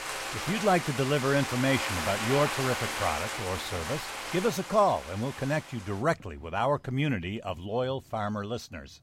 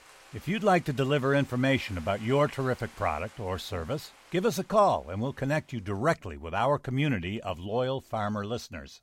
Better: second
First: household noises; loud; throughout; 4 dB below the speech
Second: household noises; faint; throughout; 25 dB below the speech

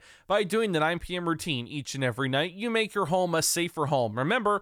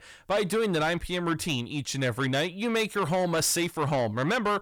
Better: first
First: none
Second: distortion; slight; 10 dB below the speech

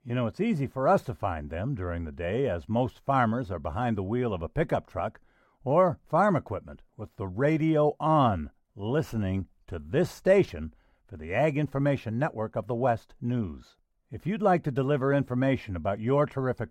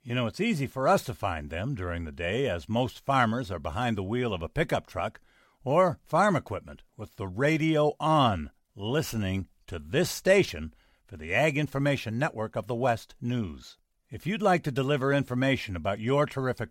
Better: second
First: muffled; slightly; fading above 2 kHz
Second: none

